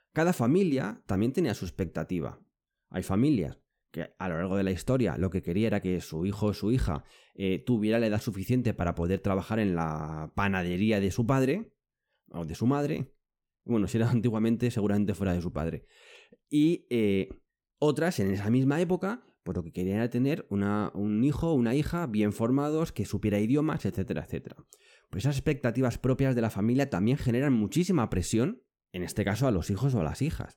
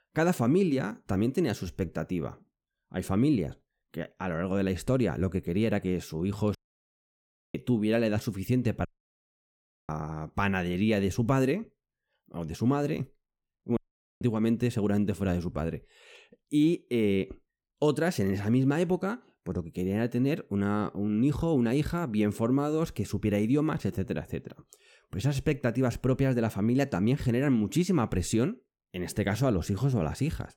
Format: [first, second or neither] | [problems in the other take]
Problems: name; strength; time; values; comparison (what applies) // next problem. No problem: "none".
first | audio cutting out; at 6.5 s for 1 s, at 9 s for 1 s and at 14 s